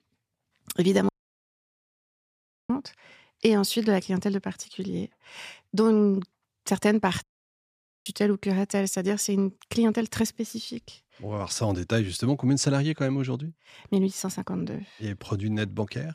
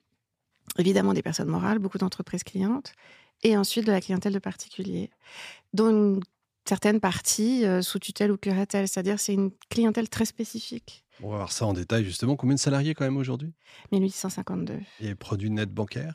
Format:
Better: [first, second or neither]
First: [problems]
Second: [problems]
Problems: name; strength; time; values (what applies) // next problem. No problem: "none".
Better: second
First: audio cutting out; at 1 s for 1.5 s and at 7 s for 1 s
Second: none